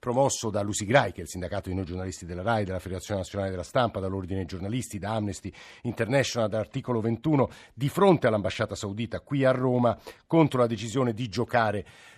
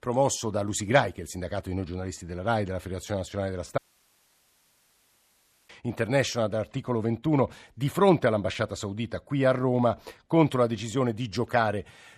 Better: first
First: none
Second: audio cutting out; at 4 s for 2 s

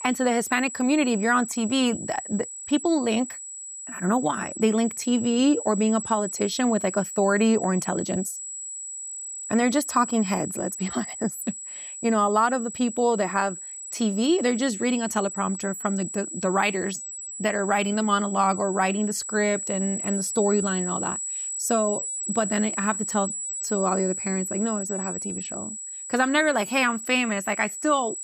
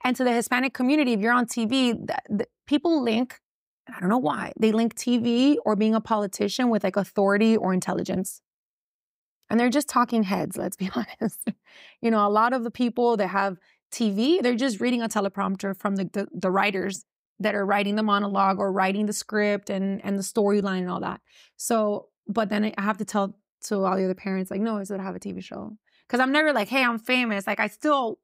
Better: second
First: high-pitched whine; loud; throughout; 8 kHz, 7 dB below the speech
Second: none

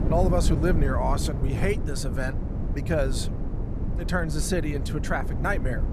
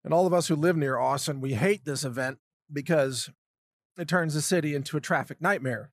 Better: second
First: wind noise on the microphone; heavy; 10 dB below the speech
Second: none

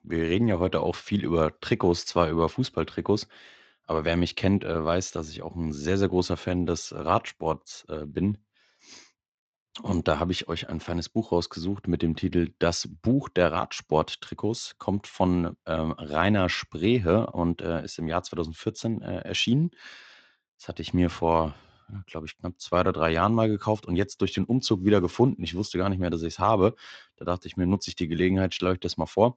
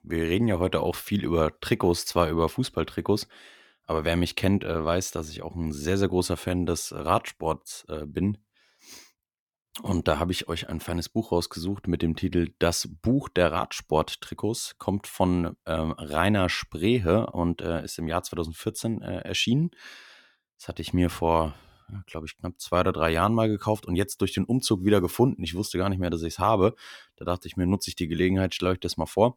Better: second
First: garbled, watery; slightly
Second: none

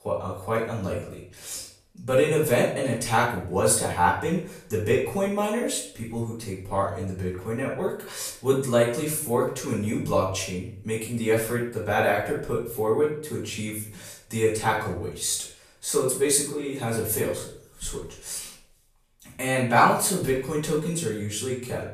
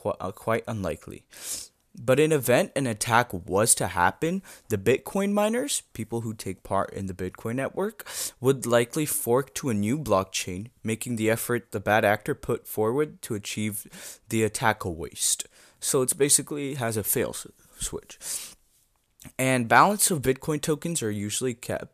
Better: second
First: off-mic speech; far // room echo; noticeable; dies away in 0.5 s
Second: none

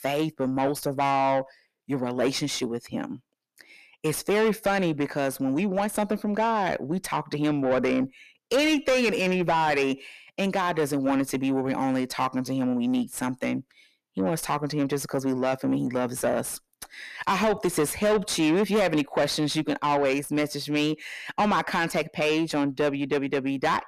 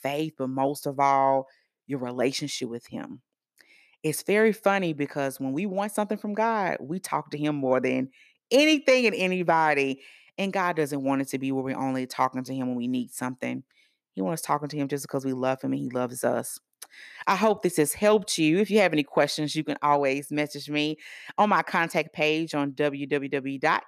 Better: second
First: distortion; heavy; 8 dB below the speech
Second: none

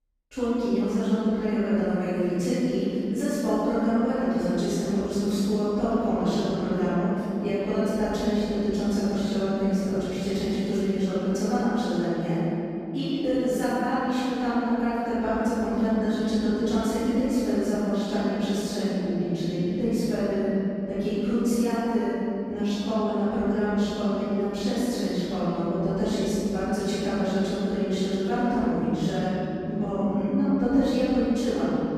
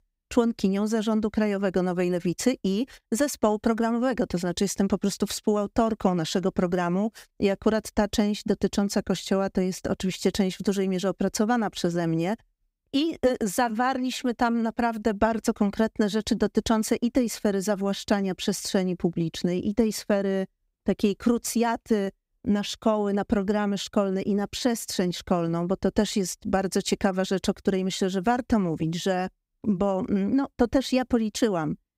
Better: second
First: off-mic speech; far // room echo; strong; dies away in 3 s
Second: none

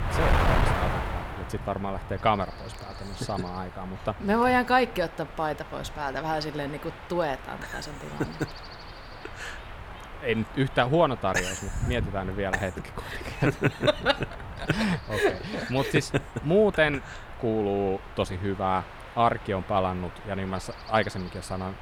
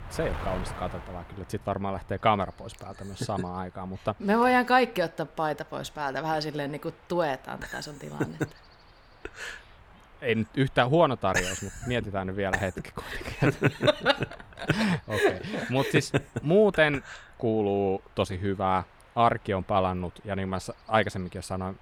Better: second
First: wind noise on the microphone; heavy; 10 dB below the speech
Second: wind noise on the microphone; occasional gusts; 25 dB below the speech

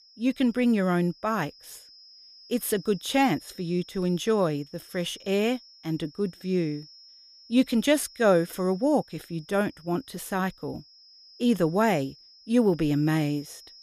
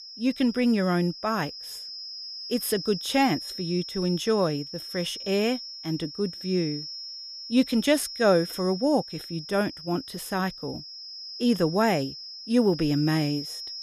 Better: first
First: high-pitched whine; faint; throughout; 5 kHz, 25 dB below the speech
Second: high-pitched whine; loud; throughout; 5 kHz, 10 dB below the speech

